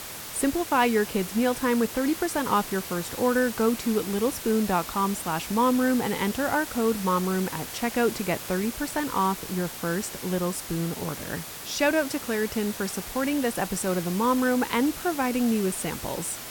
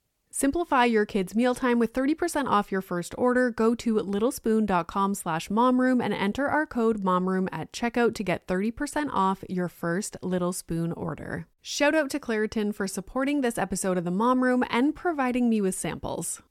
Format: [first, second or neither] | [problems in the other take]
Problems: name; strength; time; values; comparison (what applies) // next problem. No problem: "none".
second | hiss; loud; throughout; 9 dB below the speech